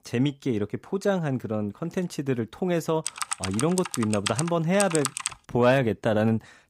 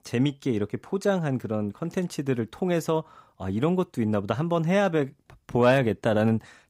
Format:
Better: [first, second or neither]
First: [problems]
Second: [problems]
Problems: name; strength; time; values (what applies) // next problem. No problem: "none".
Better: second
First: keyboard typing; noticeable; from 3 to 5.5 s; peak 2 dB below the speech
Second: none